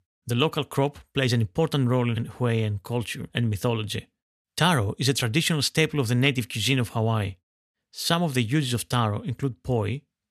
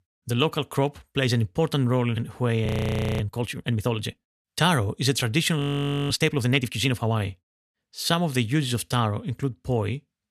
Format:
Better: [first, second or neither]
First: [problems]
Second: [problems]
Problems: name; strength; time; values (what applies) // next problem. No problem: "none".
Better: first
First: none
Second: audio freezing; at 2.5 s for 0.5 s and at 5.5 s for 0.5 s